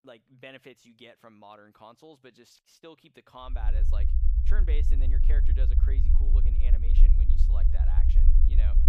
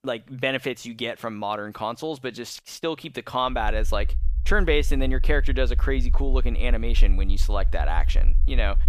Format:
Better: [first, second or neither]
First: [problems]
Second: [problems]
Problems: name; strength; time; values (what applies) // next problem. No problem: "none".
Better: second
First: low rumble; loud; from 3.5 s on; 1 dB below the speech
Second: low rumble; faint; from 3.5 s on; 20 dB below the speech